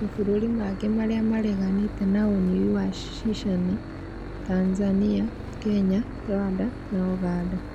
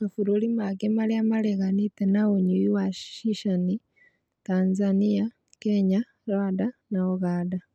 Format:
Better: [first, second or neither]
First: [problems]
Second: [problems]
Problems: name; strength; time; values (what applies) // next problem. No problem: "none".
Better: second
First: background sound (Engine / Boat, Water vehicle); 10 dB below the speech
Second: none